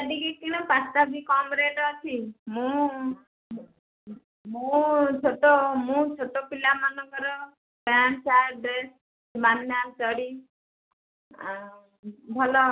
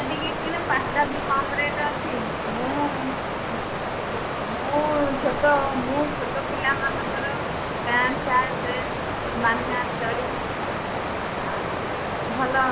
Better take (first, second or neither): first